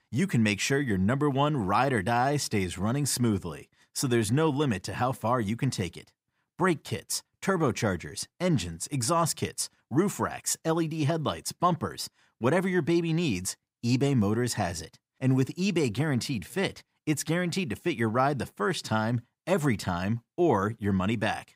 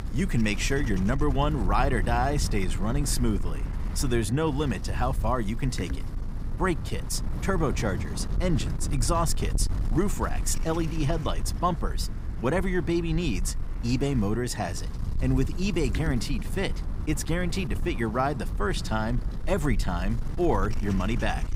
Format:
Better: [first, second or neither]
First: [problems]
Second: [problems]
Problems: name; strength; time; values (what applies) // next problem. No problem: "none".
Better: first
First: none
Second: wind noise on the microphone; occasional gusts; 15 dB below the speech